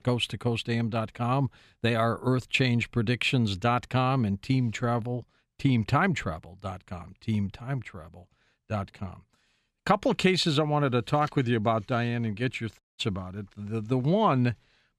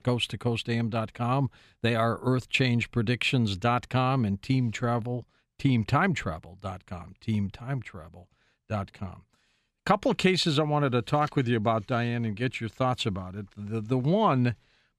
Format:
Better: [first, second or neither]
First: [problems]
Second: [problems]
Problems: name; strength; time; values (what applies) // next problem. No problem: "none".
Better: second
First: audio cutting out; at 13 s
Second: none